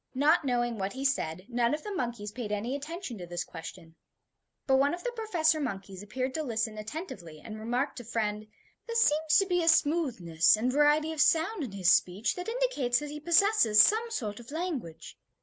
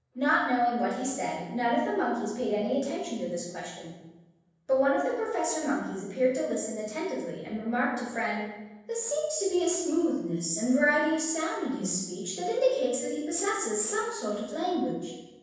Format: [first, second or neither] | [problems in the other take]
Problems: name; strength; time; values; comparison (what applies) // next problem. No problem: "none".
first | room echo; dies away in 1.1 s